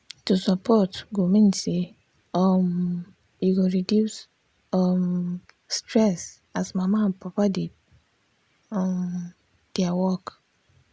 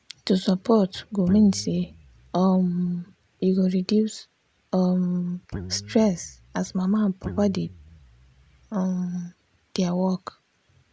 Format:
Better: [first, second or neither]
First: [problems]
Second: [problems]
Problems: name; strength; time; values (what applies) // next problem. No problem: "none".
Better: first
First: none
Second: background sound (Guitar); 15 dB below the speech